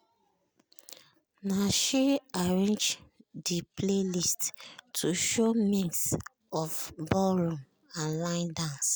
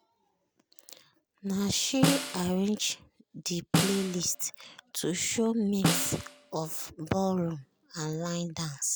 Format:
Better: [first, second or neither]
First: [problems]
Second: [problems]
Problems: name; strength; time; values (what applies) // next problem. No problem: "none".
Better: first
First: none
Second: background sound (Snare drum); 2 dB below the speech